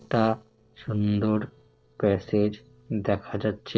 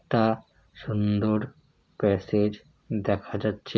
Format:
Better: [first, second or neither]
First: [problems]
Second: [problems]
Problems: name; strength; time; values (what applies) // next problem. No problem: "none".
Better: second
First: noise reduction (neural separator model SepFormer DNS4)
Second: none